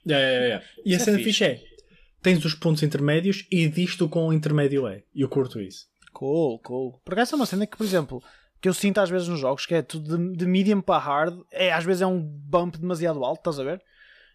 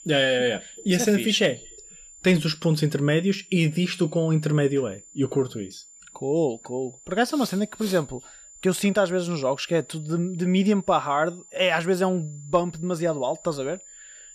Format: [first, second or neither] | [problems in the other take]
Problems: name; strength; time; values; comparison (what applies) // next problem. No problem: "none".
first | high-pitched whine; faint; throughout; 7 kHz, 20 dB below the speech